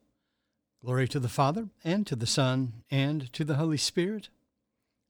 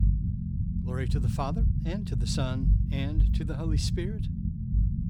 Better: first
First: none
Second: low rumble; loud; throughout; 5 dB below the speech

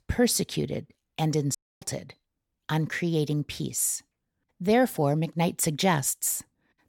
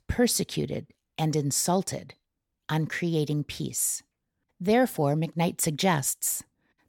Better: second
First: audio cutting out; at 1.5 s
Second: none

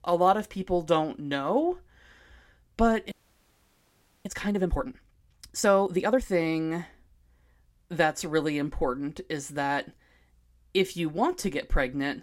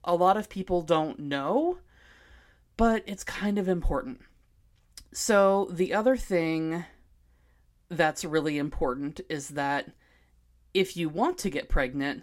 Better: second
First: audio freezing; at 3 s for 1 s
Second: none

